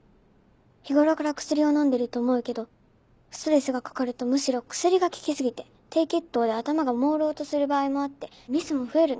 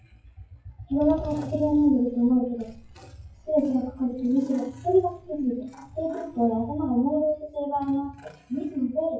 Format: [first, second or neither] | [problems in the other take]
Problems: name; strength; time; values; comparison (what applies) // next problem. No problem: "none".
first | noise reduction (classical method WPE with log-MMSE)